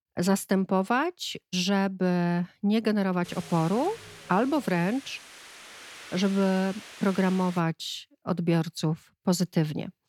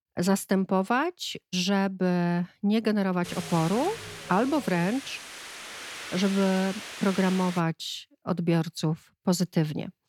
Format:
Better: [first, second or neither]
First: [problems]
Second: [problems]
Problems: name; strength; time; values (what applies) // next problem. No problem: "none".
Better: first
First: wind noise on the microphone; occasional gusts; from 3 to 7.5 s; 15 dB below the speech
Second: wind noise on the microphone; heavy; from 3 to 7.5 s; 8 dB below the speech